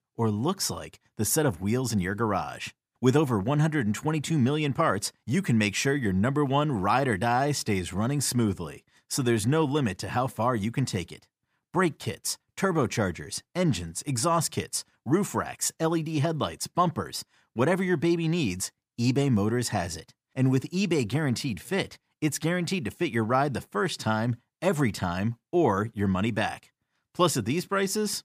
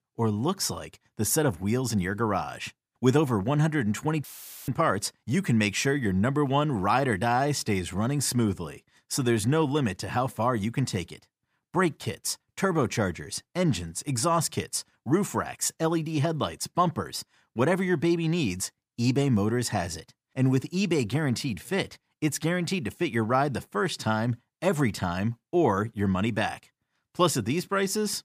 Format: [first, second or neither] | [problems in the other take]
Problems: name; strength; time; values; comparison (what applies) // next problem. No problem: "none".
first | audio cutting out; filled with static; at 4 s